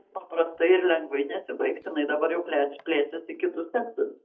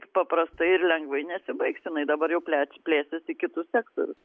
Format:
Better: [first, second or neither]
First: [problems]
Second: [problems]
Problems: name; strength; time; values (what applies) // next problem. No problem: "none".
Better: second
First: noise reduction (neural mask model DeepFilterNet 3)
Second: none